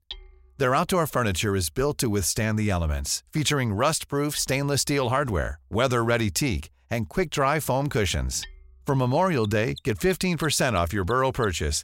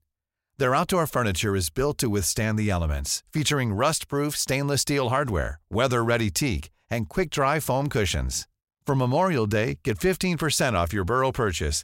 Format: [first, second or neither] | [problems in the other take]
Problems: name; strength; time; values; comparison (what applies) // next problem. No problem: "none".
second | machinery noise; faint; throughout; 20 dB below the speech